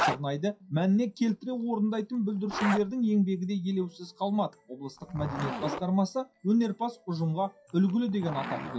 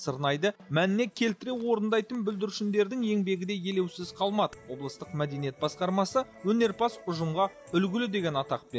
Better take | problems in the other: second | noise reduction (classical method WPE with log-MMSE)

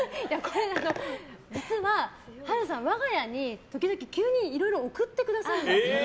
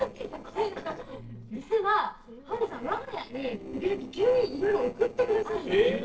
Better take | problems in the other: first | noise reduction (neural separator model SepFormer DNS4)

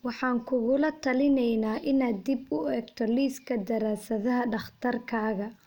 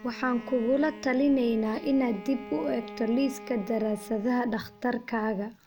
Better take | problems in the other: first | background sound (Bowed string instrument); 16 dB below the speech

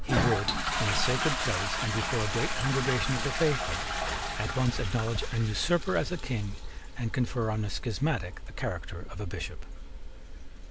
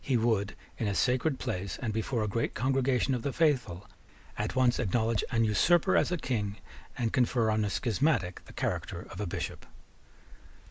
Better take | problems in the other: second | background sound (Toilet flush); 1 dB below the speech

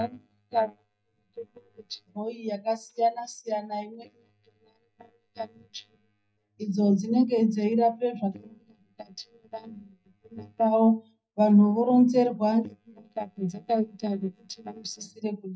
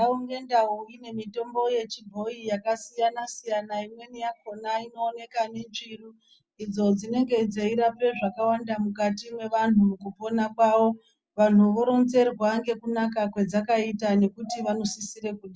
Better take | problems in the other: second | noise reduction (neural mask model DeepFilterNet 3)

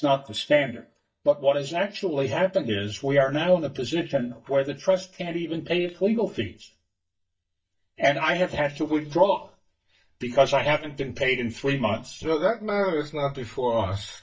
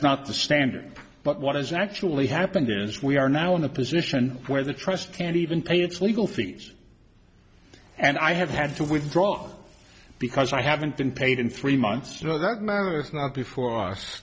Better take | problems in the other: second | noise reduction (neural mask model DeepFilterNet 3)

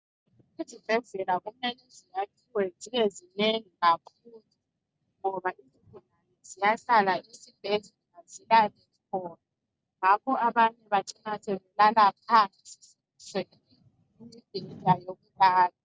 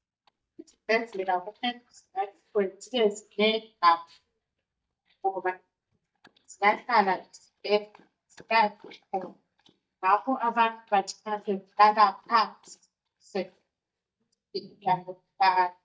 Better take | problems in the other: first | noise reduction (neural mask model DeepFilterNet 3)

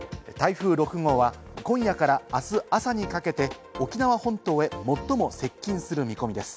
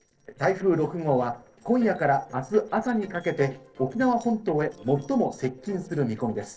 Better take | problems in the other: first | noise reduction (neural separator model SepFormer DNS4)

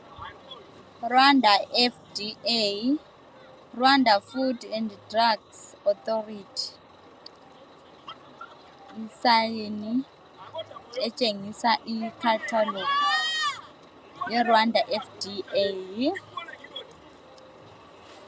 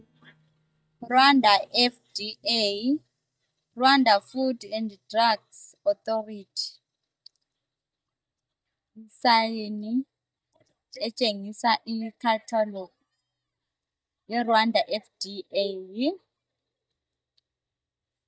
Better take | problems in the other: first | noise reduction (neural mask model DeepFilterNet 3)

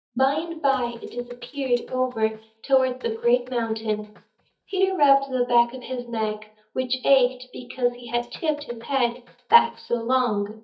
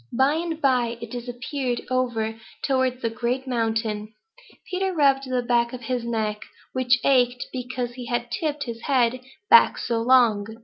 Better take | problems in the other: second | noise reduction (neural mask model DeepFilterNet 3)

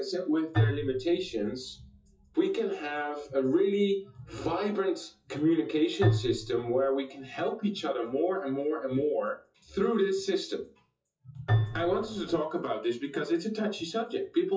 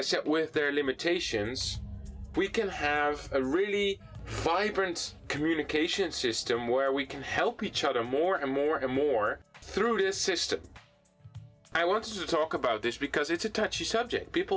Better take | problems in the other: second | noise reduction (classical method WPE with log-MMSE)

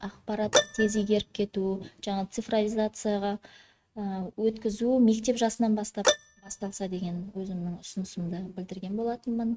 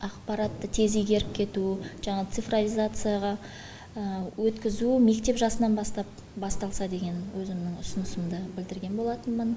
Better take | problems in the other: second | noise reduction (neural mask model RNNoise)

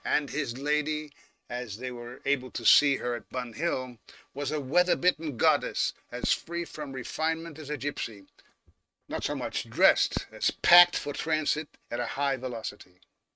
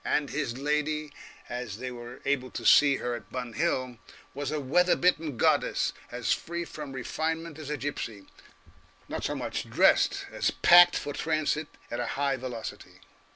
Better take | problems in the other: second | noise reduction (neural mask model RNNoise)

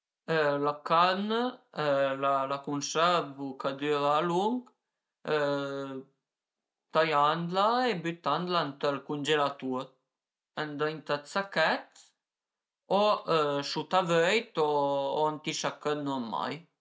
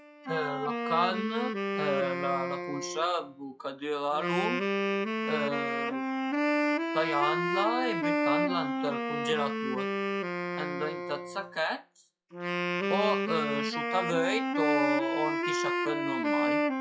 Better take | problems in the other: first | noise reduction (classical method log-MMSE)

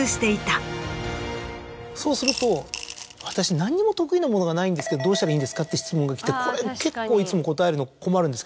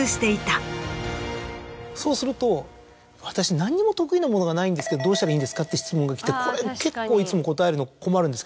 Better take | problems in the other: second | background sound (Coin (dropping) / Glass); 9 dB below the speech

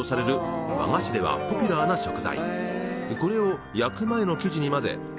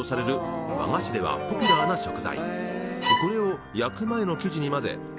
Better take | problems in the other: first | background sound (Bowed string instrument); 1 dB below the speech

